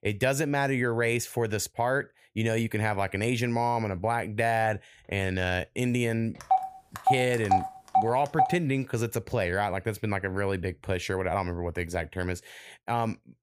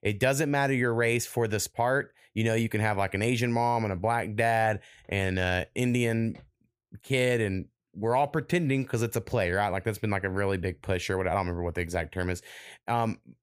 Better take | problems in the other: second | phone ringing; loud; from 6.5 to 8.5 s; peak 1 dB above the speech

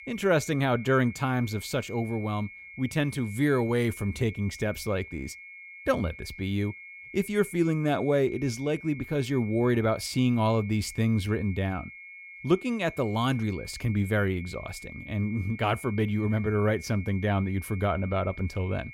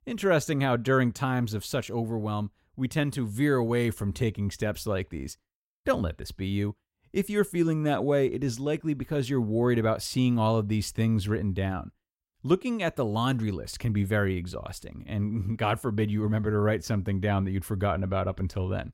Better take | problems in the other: second | high-pitched whine; noticeable; throughout; 2 kHz, 15 dB below the speech

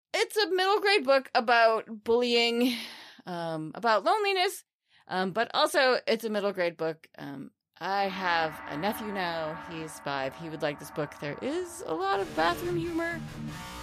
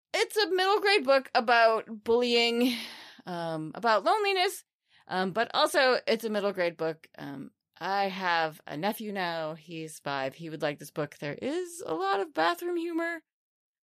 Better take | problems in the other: second | background music; noticeable; from 8 s on; 15 dB below the speech

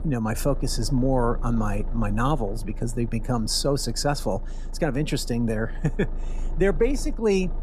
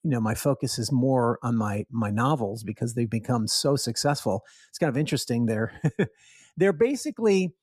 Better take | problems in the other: second | low rumble; noticeable; throughout; 20 dB below the speech

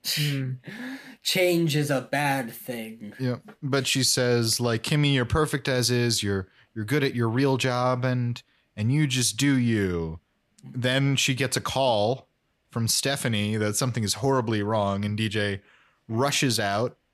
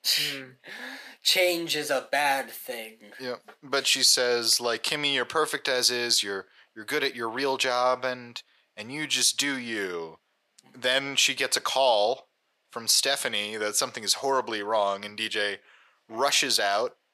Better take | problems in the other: first | thin; very; fading below 600 Hz

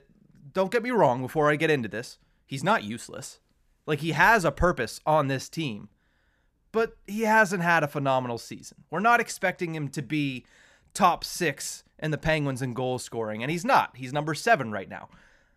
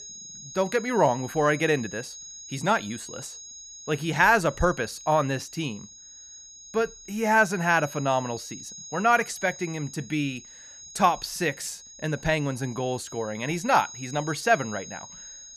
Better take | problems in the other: first | high-pitched whine; noticeable; throughout; 6.5 kHz, 15 dB below the speech

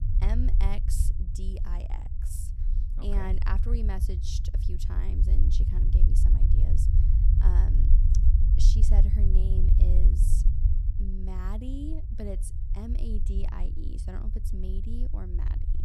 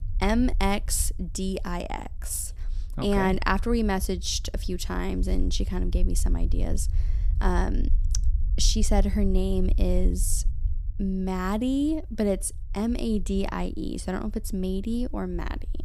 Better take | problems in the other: second | low rumble; loud; throughout; 2 dB below the speech; faint in the second

